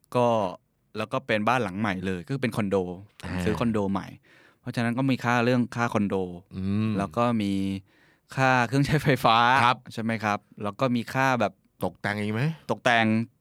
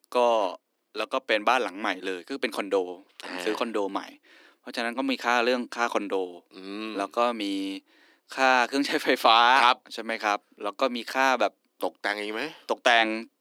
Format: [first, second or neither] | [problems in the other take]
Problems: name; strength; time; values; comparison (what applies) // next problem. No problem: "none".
first | thin; somewhat; fading below 300 Hz